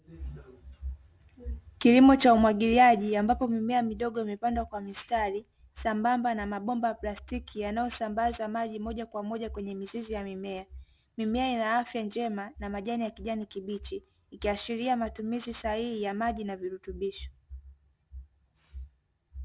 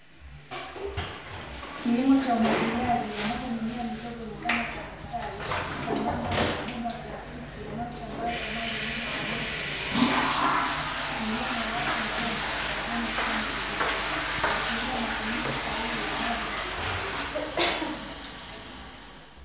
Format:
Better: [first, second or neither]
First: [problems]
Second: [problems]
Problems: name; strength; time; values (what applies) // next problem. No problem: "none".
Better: first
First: none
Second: background sound (Toilet flush / Water); 3 dB above the speech // room echo; dies away in 0.5 s